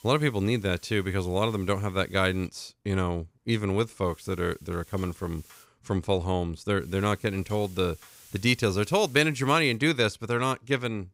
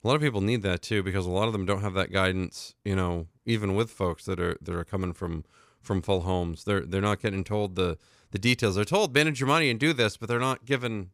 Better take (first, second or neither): second